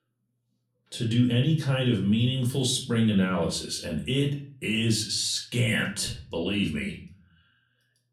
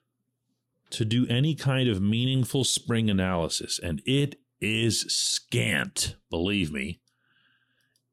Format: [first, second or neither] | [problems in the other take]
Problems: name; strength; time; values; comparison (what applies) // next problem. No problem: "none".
second | room echo; slight; dies away in 0.4 s // off-mic speech; far